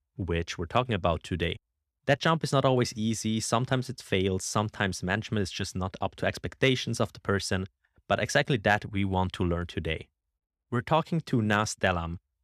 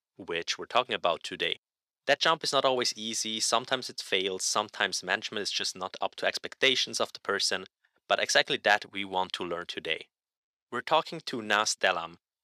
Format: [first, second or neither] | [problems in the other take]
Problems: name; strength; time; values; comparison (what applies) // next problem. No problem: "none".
first | thin; somewhat; fading below 450 Hz